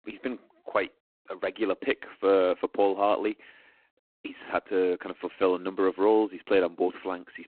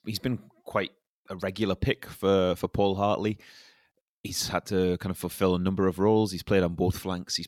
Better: second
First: phone-call audio; poor line; nothing above 4 kHz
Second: none

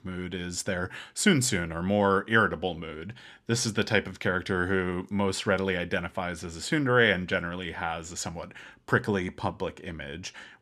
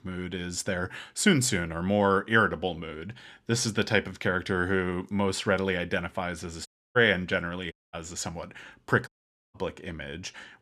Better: first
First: none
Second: audio cutting out; at 6.5 s, at 7.5 s and at 9 s

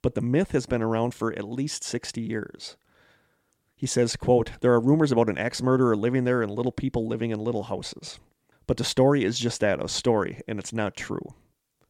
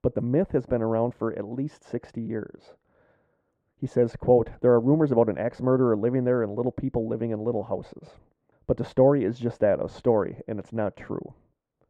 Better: first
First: none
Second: muffled; very; fading above 2.5 kHz

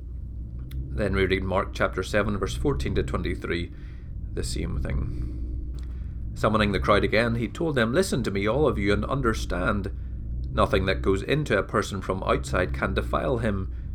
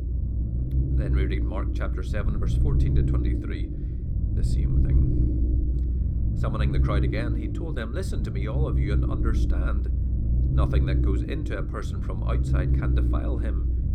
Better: first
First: low rumble; faint; throughout; 20 dB below the speech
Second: low rumble; loud; throughout; 2 dB below the speech

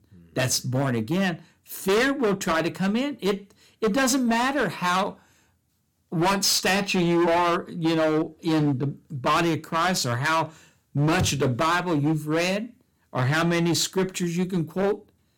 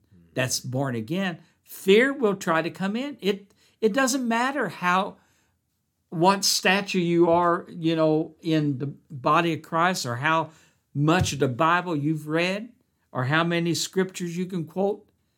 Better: second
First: distortion; heavy; 14% of the sound clipped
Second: none

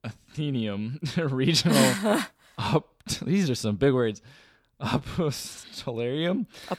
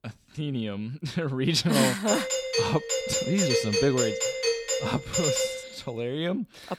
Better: first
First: none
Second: doorbell; loud; from 2 to 5.5 s; peak 3 dB above the speech

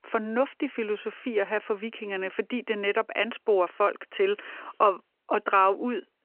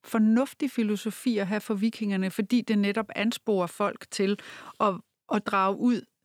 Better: second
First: phone-call audio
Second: none

